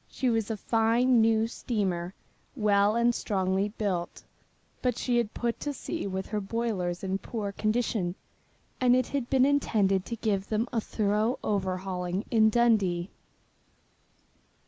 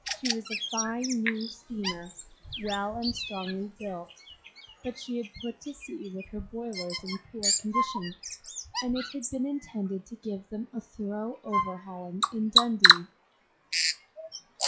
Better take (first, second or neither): first